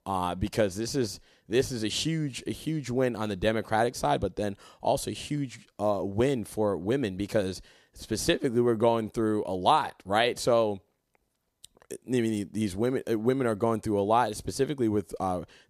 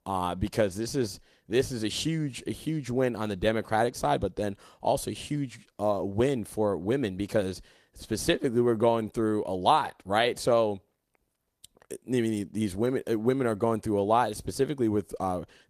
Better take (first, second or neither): first